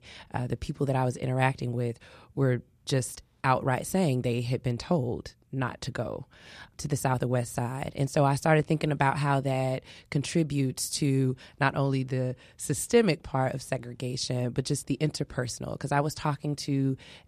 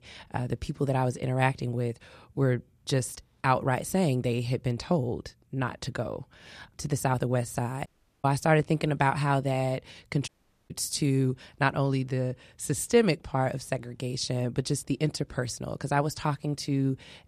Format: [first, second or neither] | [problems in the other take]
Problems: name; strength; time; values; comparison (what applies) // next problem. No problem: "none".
first | audio cutting out; at 8 s and at 10 s